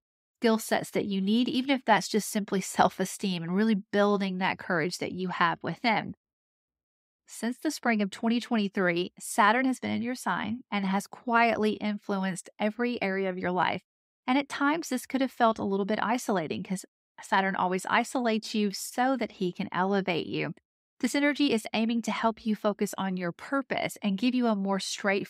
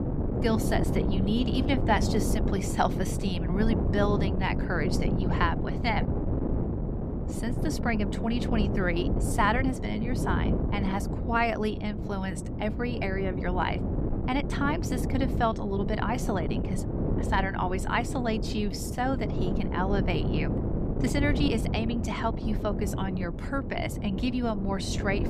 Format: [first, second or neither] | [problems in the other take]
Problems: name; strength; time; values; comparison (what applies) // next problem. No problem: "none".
first | wind noise on the microphone; heavy; 6 dB below the speech